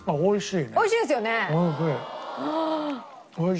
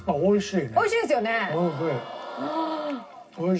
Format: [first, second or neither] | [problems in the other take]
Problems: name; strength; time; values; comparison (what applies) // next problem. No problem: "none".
first | room echo; dies away in 0.4 s